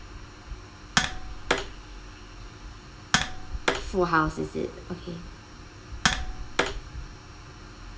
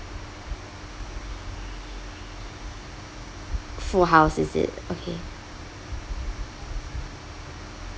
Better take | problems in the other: second | background sound (Tap); 2 dB above the speech // room echo; dies away in 2.9 s

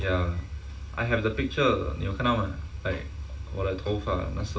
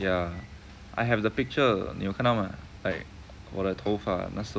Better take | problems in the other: second | room echo; dies away in 0.3 s

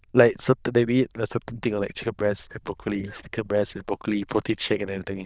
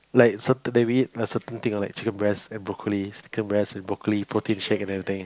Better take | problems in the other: second | noise reduction (neural diffusion model UNIVERSE++)

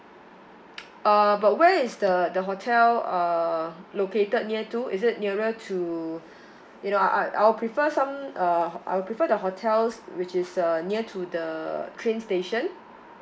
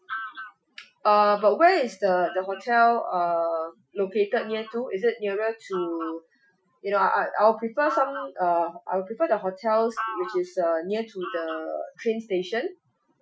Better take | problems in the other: first | noise reduction (classical method Wiener filter)

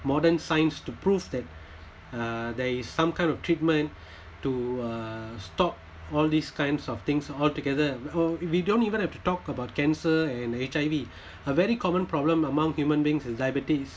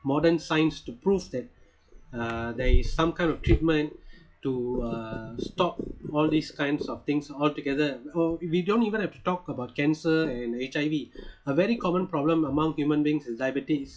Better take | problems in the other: first | noise reduction (classical method log-MMSE)

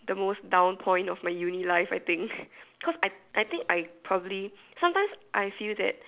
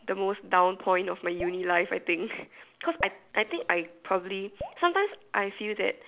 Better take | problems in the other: first | background sound (Drip); 19 dB below the speech

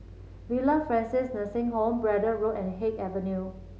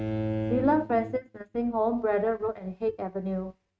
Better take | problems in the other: first | noise reduction (neural mask model RNNoise)

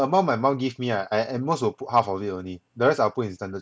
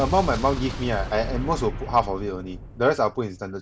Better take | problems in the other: first | background sound (Explosion); 8 dB below the speech

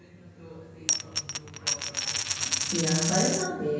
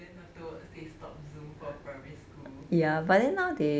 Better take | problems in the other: second | background sound (Coin (dropping)); 2 dB above the speech // room echo; dies away in 1 s

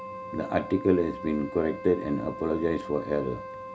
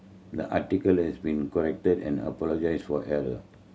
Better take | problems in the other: second | background sound (Wind instrument, woodwind instrument); 11 dB below the speech

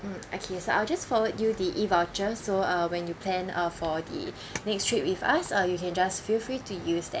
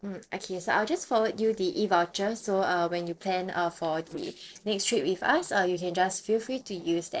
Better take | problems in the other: first | noise reduction (neural separator model SepFormer DNS4)

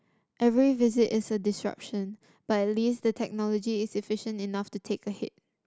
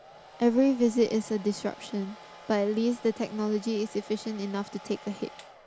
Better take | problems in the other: first | background sound (Domestic sounds, home sounds); 20 dB below the speech

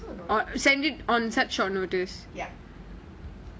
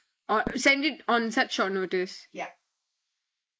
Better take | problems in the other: first | noise reduction (neural mask model Resemble Enhance denoiser)

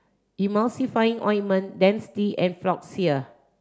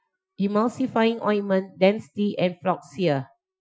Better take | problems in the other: first | noise reduction (classical method Wiener filter)

